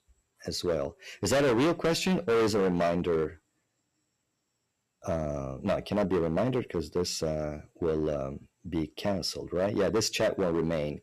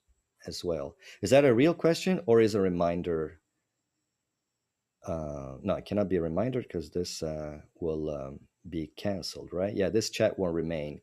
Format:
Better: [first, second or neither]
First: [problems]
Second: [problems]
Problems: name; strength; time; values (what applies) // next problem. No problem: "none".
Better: second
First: distortion; heavy; 10% of the sound clipped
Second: none